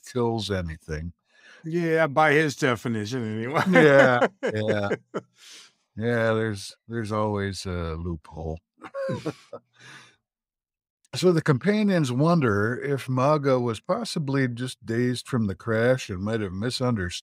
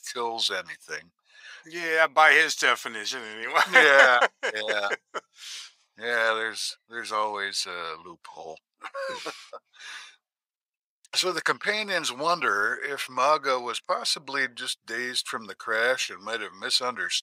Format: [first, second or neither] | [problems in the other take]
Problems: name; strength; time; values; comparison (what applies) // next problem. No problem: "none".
first | thin; very; fading below 900 Hz